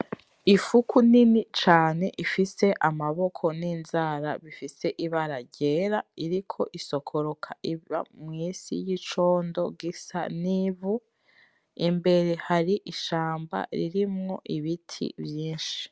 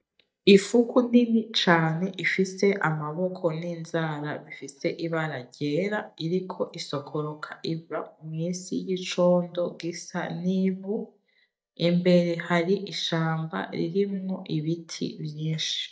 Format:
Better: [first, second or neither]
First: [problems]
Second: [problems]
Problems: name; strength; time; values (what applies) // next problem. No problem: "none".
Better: first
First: none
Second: noise reduction (neural mask model DeepFilterNet 3)